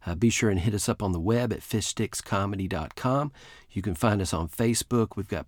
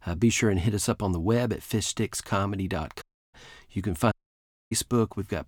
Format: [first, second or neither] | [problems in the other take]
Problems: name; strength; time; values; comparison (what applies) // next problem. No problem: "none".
first | audio cutting out; at 3 s and at 4 s for 0.5 s